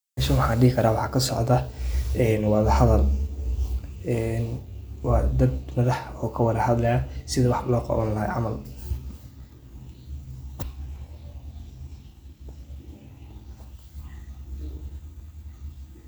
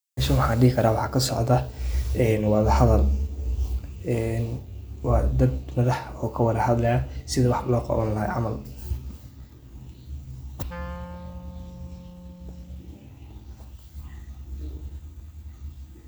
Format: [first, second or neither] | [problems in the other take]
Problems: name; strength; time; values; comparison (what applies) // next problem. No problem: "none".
first | background sound (Wind instrument, woodwind instrument); 18 dB below the speech